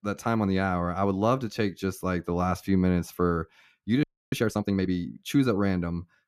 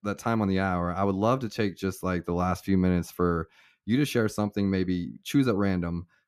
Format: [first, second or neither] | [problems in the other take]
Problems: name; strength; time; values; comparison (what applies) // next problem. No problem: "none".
second | audio freezing; at 4 s